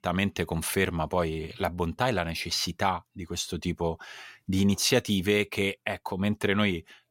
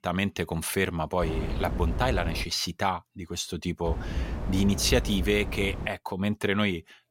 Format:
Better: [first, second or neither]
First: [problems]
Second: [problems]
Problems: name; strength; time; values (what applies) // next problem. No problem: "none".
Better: first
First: none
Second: wind noise on the microphone; occasional gusts; from 1 to 2.5 s and from 4 to 6 s; 10 dB below the speech